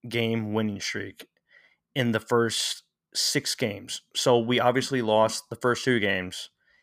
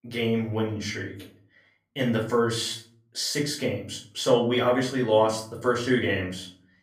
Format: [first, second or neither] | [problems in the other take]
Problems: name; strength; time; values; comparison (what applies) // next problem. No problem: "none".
first | off-mic speech; far // room echo; slight; dies away in 0.4 s